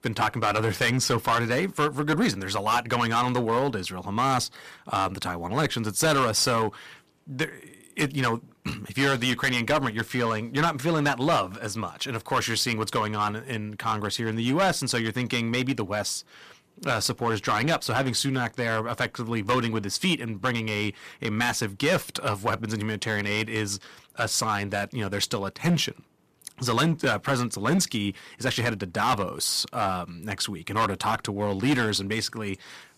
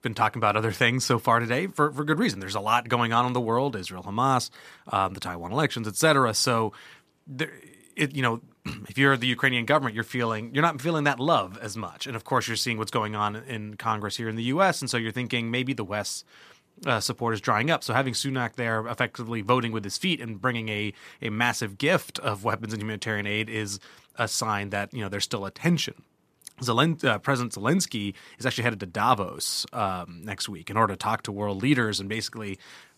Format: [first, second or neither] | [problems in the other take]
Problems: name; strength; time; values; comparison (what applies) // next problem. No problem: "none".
second | distortion; heavy; 5% of the sound clipped